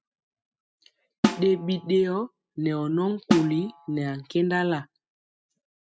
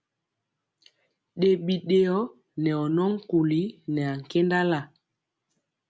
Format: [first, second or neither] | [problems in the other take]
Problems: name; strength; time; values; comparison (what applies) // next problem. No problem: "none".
second | noise reduction (classical method spectral subtraction)